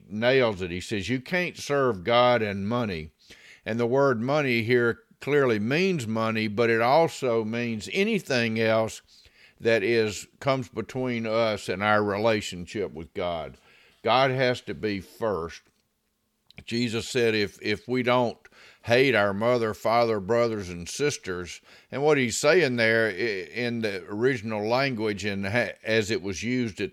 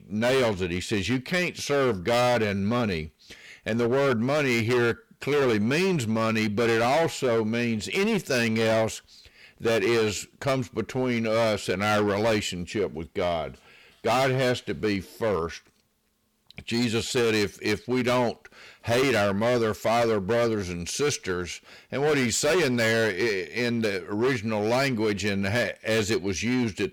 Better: first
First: none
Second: distortion; heavy; 15% of the sound clipped

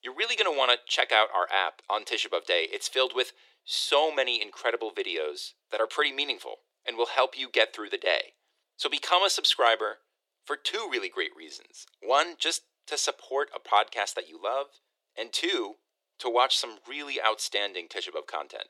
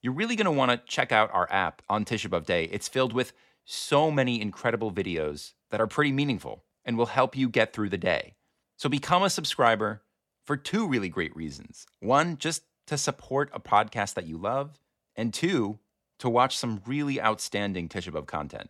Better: second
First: thin; very; fading below 350 Hz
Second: none

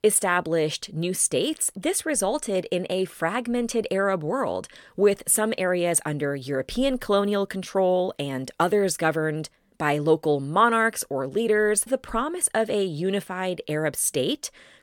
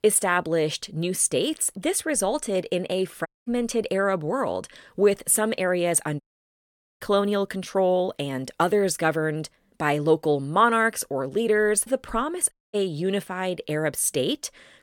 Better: first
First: none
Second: audio cutting out; at 3.5 s, at 6 s for 1 s and at 13 s

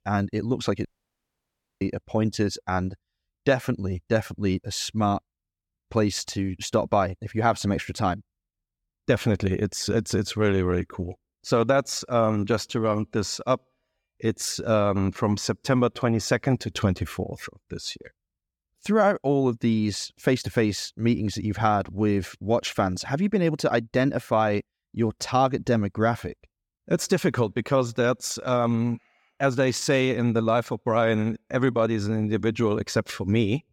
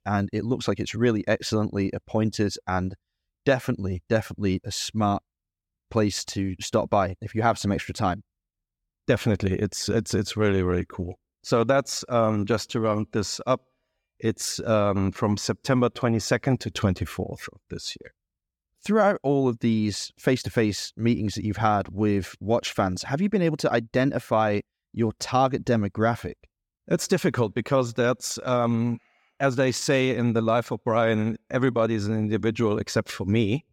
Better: second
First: audio cutting out; at 1 s for 1 s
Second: none

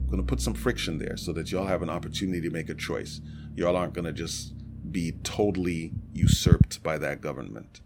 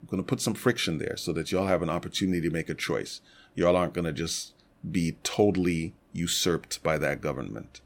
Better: second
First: low rumble; noticeable; throughout; 10 dB below the speech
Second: none

